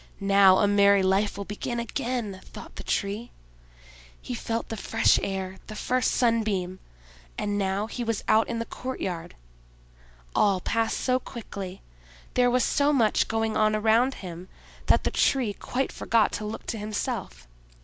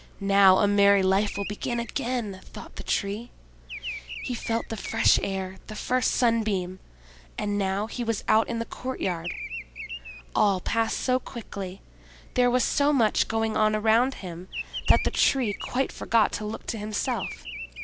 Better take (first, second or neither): first